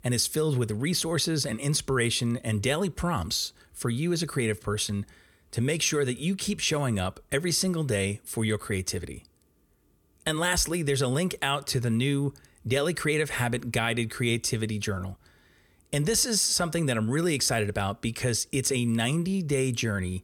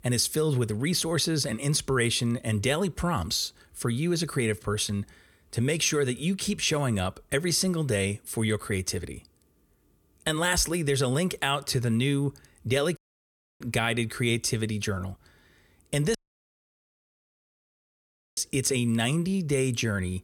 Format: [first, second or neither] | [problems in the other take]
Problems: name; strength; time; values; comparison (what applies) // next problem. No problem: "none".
first | audio cutting out; at 13 s for 0.5 s and at 16 s for 2 s